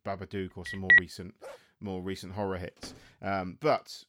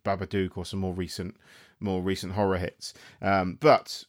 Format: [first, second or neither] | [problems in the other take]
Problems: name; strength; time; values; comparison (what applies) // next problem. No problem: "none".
second | phone ringing; loud; at 1 s; peak 15 dB above the speech // dog barking; faint; at 1.5 s; peak 15 dB below the speech // door banging; faint; at 3 s; peak 15 dB below the speech